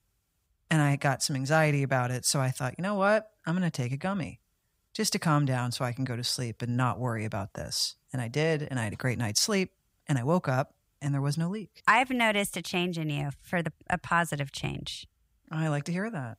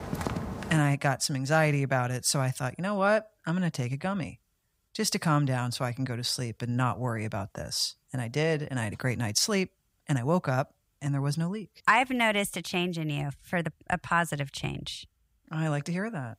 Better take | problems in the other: first | footsteps; noticeable; at the start; peak 4 dB below the speech

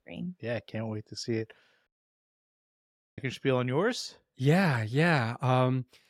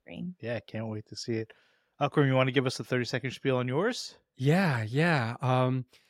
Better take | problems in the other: second | audio cutting out; at 2 s for 1.5 s

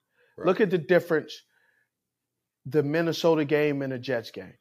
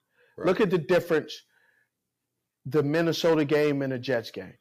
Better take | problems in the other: first | distortion; slight; 4% of the sound clipped

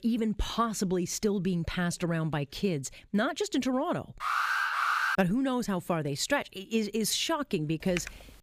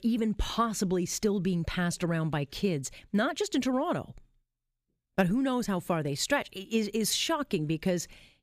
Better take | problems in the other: second | alarm; loud; at 4 s; peak 3 dB above the speech // keyboard typing; noticeable; at 8 s; peak 9 dB below the speech

